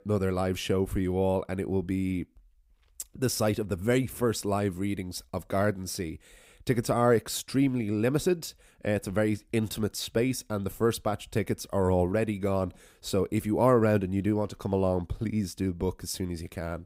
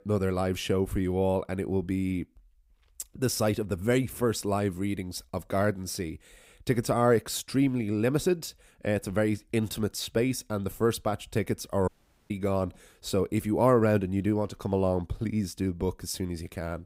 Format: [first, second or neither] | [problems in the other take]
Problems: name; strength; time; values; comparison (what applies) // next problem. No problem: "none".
first | audio cutting out; at 12 s